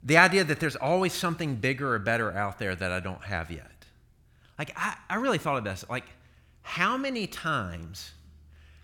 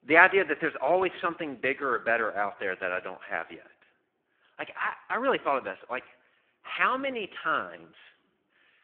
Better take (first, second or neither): first